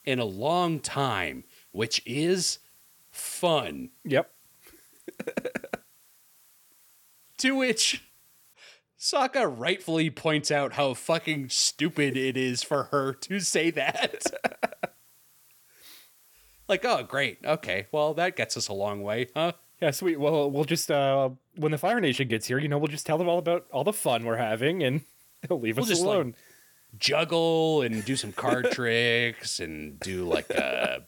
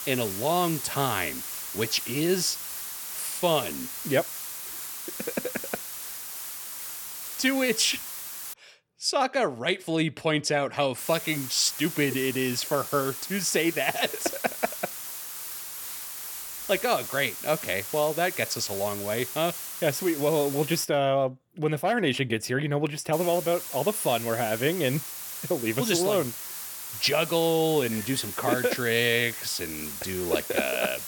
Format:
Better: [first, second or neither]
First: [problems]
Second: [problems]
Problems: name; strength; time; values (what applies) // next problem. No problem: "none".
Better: first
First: hiss; faint; until 8.5 s, from 11 to 21 s and from 23 s on; 30 dB below the speech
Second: hiss; loud; until 8.5 s, from 11 to 21 s and from 23 s on; 7 dB below the speech